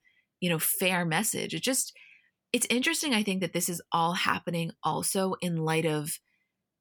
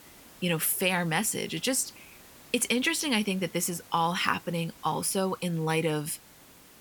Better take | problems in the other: first | hiss; faint; throughout; 20 dB below the speech

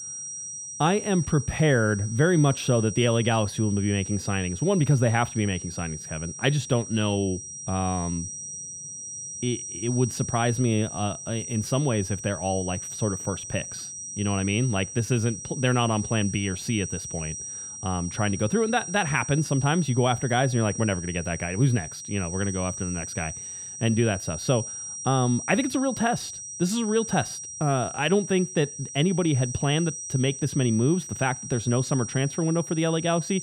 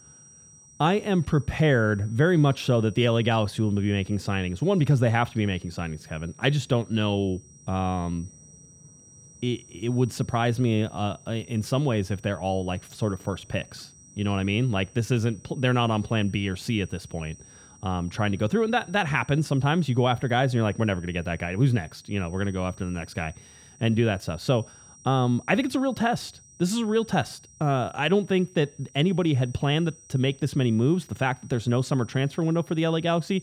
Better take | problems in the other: second | high-pitched whine; loud; throughout; 5.5 kHz, 8 dB below the speech; faint in the second

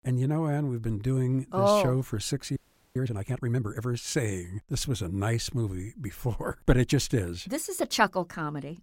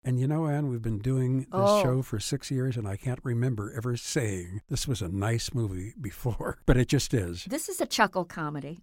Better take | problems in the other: second | audio freezing; at 2.5 s

